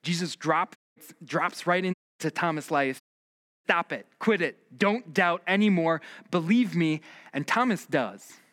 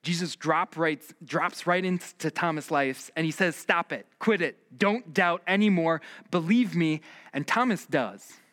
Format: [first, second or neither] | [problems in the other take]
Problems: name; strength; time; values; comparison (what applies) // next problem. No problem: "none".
second | audio cutting out; at 1 s, at 2 s and at 3 s for 0.5 s